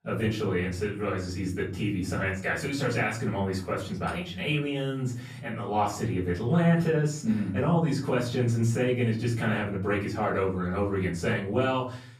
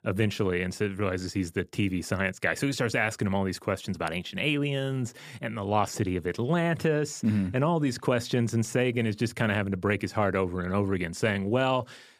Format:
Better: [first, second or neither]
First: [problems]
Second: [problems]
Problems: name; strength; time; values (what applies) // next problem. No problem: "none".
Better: second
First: room echo; slight; dies away in 0.5 s // off-mic speech; far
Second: none